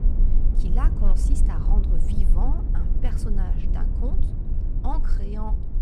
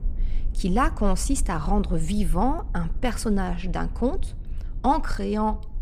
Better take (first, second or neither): second